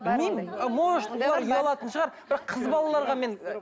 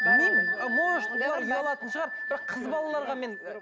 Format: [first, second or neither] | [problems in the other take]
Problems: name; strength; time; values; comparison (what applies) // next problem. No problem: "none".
first | background sound (Bell); 2 dB above the speech